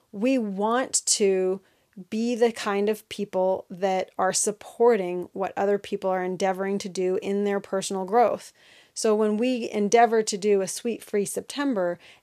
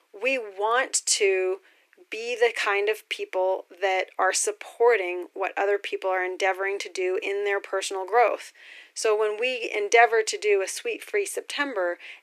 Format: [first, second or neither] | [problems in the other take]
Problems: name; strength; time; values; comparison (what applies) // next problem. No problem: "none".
first | thin; very; fading below 300 Hz